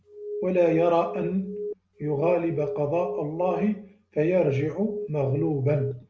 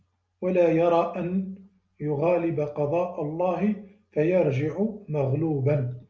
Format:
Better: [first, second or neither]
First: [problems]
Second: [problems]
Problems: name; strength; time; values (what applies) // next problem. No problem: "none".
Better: second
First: background sound (Alarm); 9 dB below the speech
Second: none